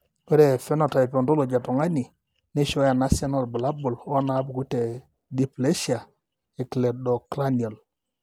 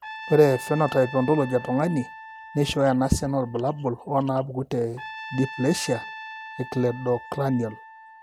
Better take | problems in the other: first | background sound (Trumpet); 15 dB below the speech

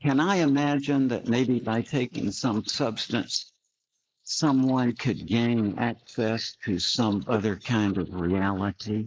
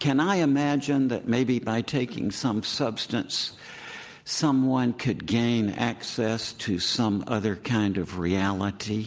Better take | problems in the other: second | noise reduction (neural mask model Resemble Enhance denoiser)

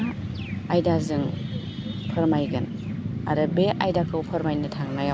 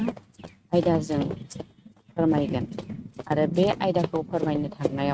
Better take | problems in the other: first | noise reduction (neural mask model RNNoise)

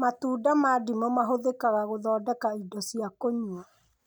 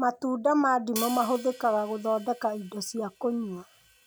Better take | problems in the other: first | background sound (Hi-hat); 16 dB below the speech

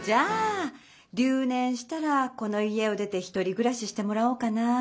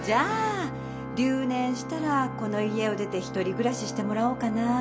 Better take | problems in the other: first | background sound (Organ); 8 dB below the speech

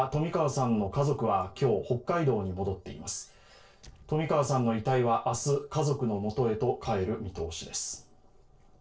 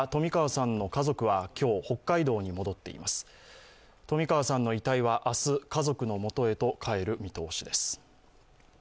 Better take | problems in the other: second | noise reduction (neural separator model SepFormer DNS4)

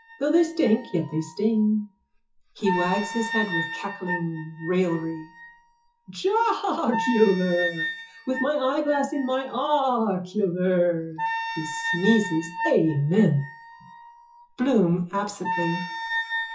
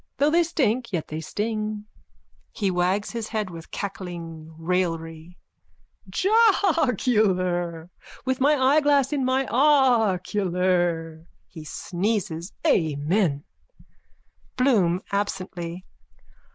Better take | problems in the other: second | noise reduction (classical method WPE with log-MMSE)

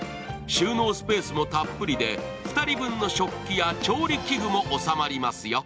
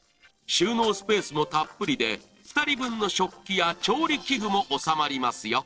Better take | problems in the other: first | noise reduction (neural separator model SepFormer DNS4)

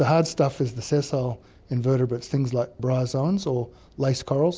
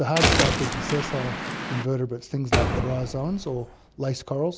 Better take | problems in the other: first | background sound (Waves, surf + Door); 1 dB above the speech

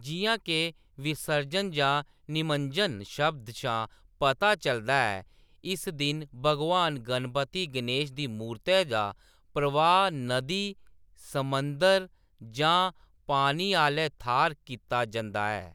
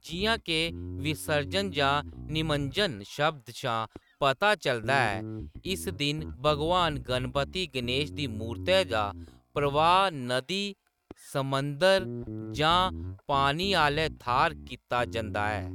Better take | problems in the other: first | noise reduction (neural mask model RNNoise)

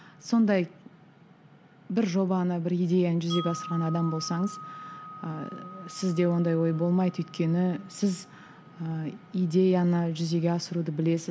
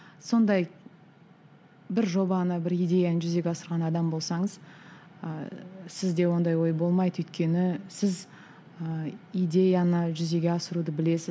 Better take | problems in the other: second | background sound (Wind chime); 18 dB below the speech

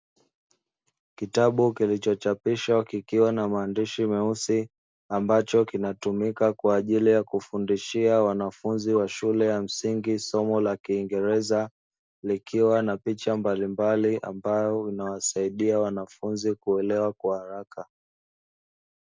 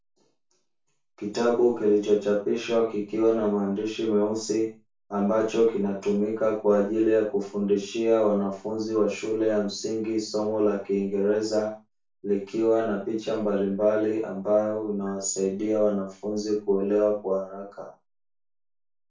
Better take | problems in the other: first | room echo; dies away in 0.3 s

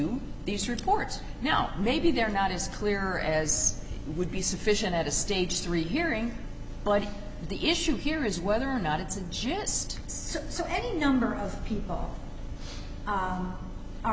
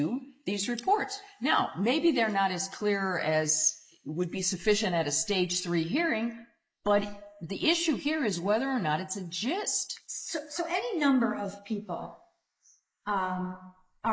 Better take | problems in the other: first | noise reduction (neural mask model Resemble Enhance denoiser)

